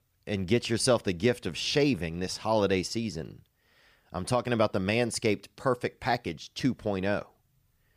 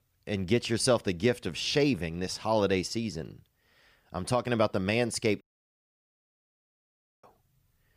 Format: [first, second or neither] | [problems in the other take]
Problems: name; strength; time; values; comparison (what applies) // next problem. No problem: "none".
first | audio cutting out; at 5.5 s for 2 s